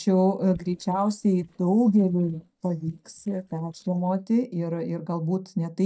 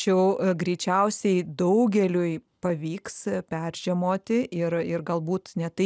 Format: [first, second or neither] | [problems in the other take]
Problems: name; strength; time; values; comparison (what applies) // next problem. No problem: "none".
second | noise reduction (neural mask model DeepFilterNet 3)